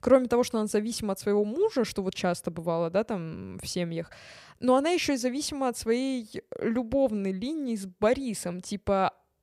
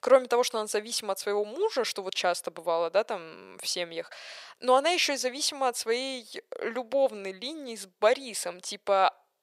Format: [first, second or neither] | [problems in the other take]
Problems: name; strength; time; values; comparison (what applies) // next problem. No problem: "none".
first | thin; somewhat; fading below 650 Hz